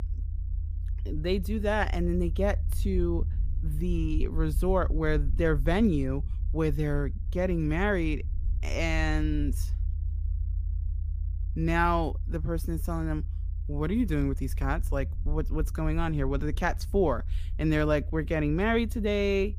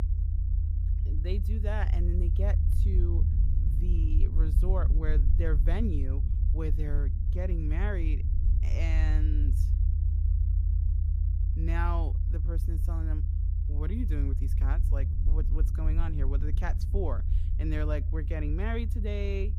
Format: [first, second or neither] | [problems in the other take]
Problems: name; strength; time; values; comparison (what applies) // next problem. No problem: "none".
first | low rumble; loud; throughout; 7 dB below the speech; faint in the first